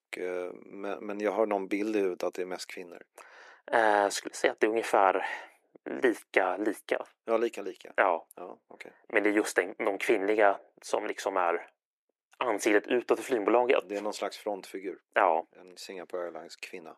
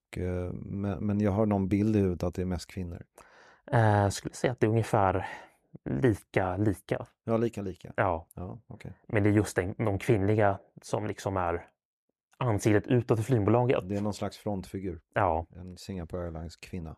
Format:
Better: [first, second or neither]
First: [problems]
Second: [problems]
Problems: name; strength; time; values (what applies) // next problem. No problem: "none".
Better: second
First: thin; very; fading below 350 Hz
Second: none